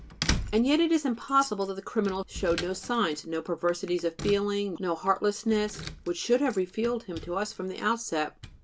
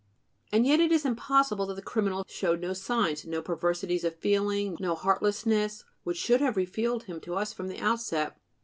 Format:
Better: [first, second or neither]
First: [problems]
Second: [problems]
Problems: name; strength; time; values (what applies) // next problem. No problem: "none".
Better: second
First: background sound (Keys jangling); 11 dB below the speech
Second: none